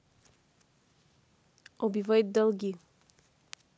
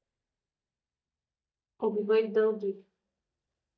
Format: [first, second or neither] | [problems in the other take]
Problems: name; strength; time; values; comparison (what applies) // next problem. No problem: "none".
first | noise reduction (neural mask model DeepFilterNet 3)